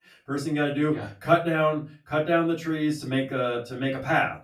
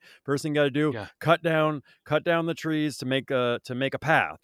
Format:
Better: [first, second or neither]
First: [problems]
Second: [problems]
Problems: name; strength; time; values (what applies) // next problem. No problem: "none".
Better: second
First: off-mic speech; far // room echo; very slight; dies away in 0.3 s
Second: none